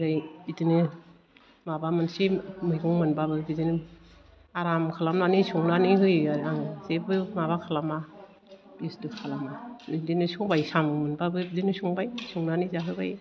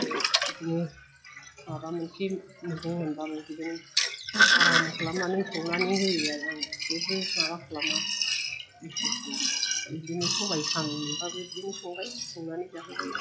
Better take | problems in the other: first | noise reduction (classical method log-MMSE)

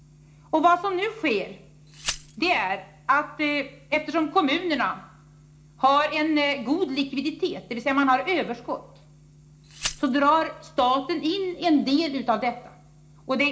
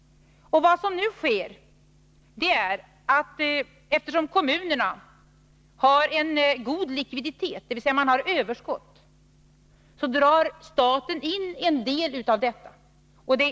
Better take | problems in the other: second | background sound (Glass); 14 dB below the speech // room echo; dies away in 0.4 s

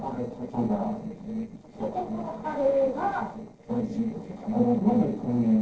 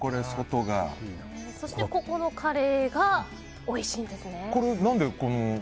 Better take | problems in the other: second | noise reduction (neural separator model SepFormer DNS4)

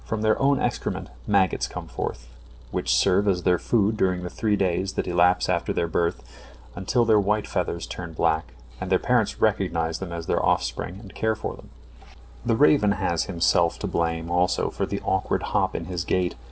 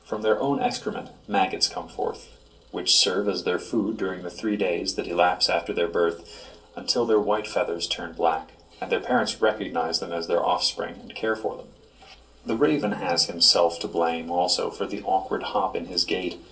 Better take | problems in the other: first | room echo; dies away in 0.2 s

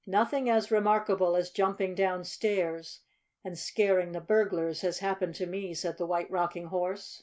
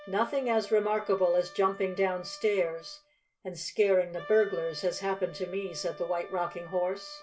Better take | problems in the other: first | background sound (Wind instrument, woodwind instrument); 19 dB below the speech // room echo; dies away in 0.2 s

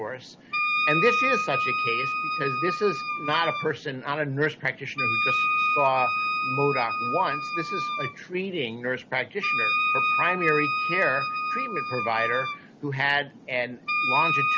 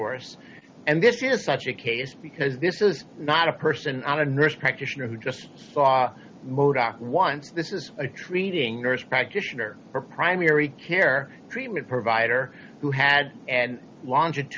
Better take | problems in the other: second | background sound (Wind instrument, woodwind instrument); 1 dB above the speech

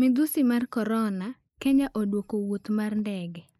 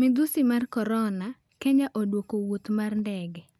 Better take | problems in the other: second | noise reduction (neural mask model Resemble Enhance denoiser)

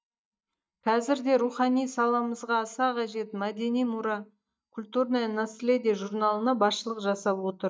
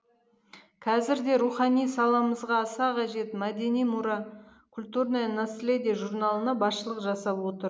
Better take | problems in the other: second | noise reduction (neural mask model DeepFilterNet 3)

